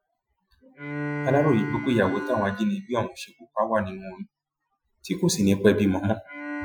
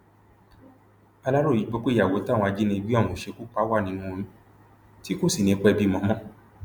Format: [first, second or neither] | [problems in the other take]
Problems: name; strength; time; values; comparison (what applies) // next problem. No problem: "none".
second | noise reduction (classical method Wiener filter)